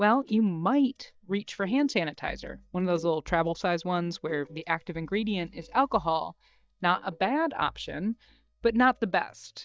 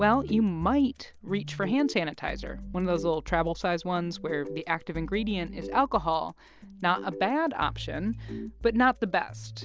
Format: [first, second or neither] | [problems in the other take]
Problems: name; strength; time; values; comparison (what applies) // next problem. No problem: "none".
second | noise reduction (neural mask model DeepFilterNet 3)